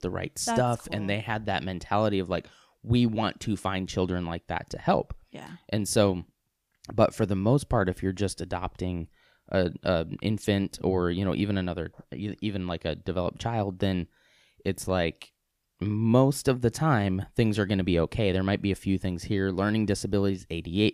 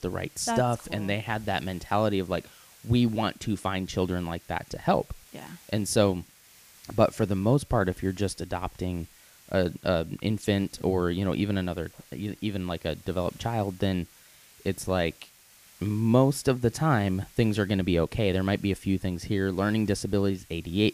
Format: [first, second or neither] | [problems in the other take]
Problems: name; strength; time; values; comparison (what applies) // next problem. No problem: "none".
first | hiss; faint; throughout; 25 dB below the speech